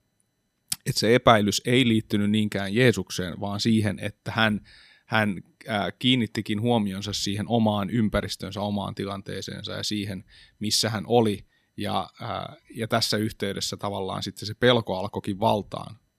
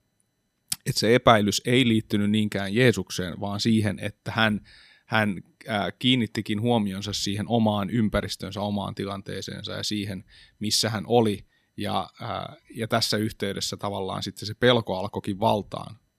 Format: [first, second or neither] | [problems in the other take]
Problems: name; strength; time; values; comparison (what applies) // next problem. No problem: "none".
neither | none